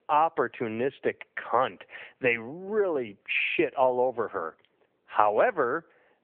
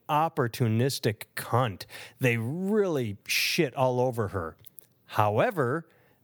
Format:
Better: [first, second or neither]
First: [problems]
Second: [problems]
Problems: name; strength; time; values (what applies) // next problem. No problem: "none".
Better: second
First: phone-call audio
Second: none